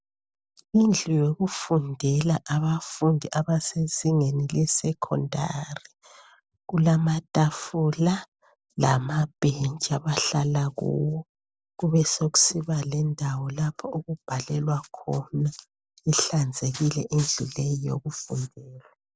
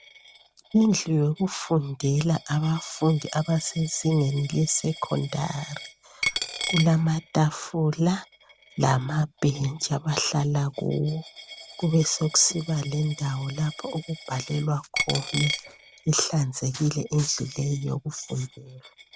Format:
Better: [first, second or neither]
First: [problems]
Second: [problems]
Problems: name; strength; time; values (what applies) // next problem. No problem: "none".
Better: first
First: none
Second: background sound (Coin (dropping)); 13 dB below the speech